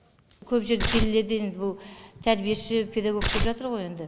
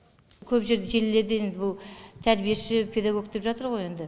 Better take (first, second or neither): second